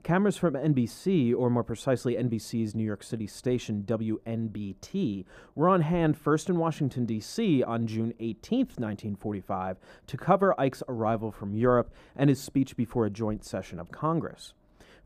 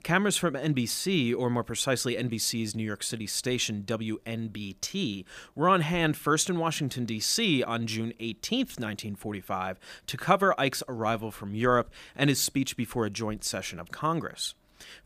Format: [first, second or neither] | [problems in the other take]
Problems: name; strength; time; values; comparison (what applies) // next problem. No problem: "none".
second | muffled; slightly; fading above 1.5 kHz